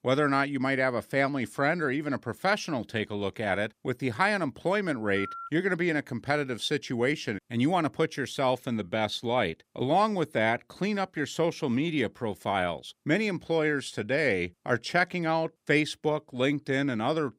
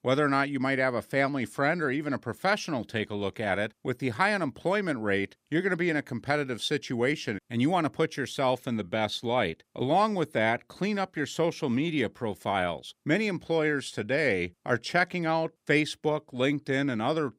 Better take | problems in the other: second | phone ringing; faint; at 5 s; peak 10 dB below the speech

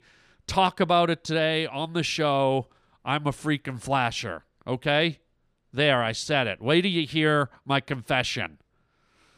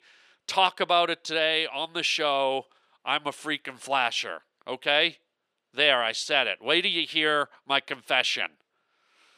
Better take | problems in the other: first | thin; somewhat; fading below 450 Hz

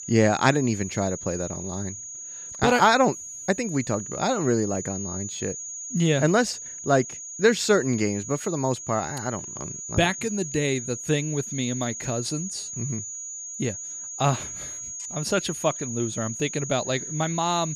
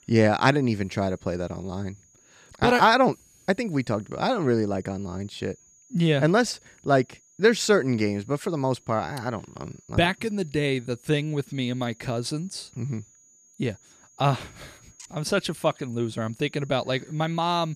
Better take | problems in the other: second | high-pitched whine; loud; throughout; 6.5 kHz, 8 dB below the speech; faint in the second

